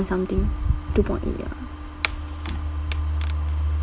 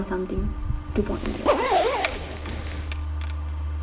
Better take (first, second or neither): first